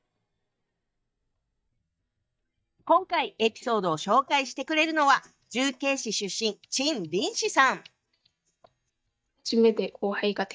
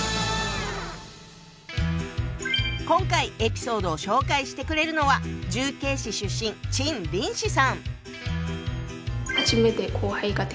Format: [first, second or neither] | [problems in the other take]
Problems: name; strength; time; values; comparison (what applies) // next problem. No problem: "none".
second | noise reduction (neural mask model DeepFilterNet 3)